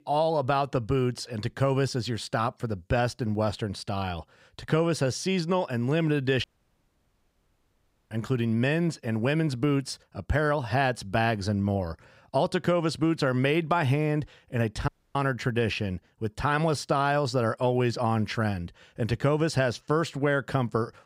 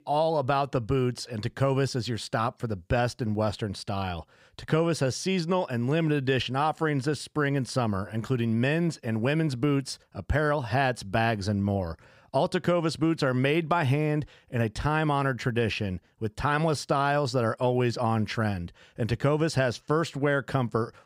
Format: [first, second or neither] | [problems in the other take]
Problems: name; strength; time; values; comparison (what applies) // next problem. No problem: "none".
second | audio cutting out; at 6.5 s for 1.5 s and at 15 s